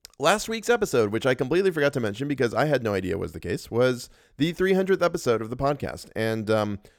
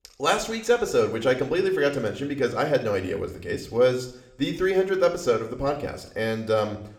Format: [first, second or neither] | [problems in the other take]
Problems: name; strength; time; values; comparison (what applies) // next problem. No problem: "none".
first | room echo; slight; dies away in 0.7 s